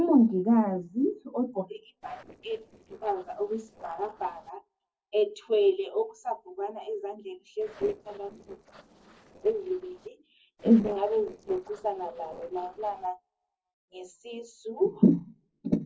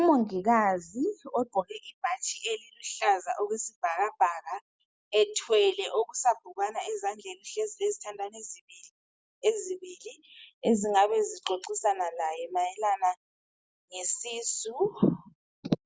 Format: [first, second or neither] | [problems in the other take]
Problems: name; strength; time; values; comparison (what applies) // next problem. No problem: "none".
second | noise reduction (neural separator model SepFormer DNS4)